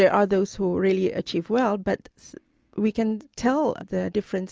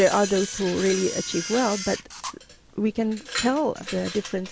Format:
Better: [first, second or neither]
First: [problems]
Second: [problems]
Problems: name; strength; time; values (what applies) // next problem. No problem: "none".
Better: first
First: none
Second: background sound (Camera + Glass); 10 dB below the speech